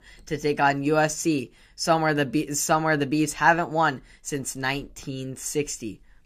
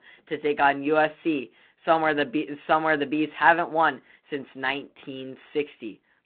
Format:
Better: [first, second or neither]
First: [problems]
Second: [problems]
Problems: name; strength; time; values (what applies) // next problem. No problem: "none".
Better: first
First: none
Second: phone-call audio; nothing above 4 kHz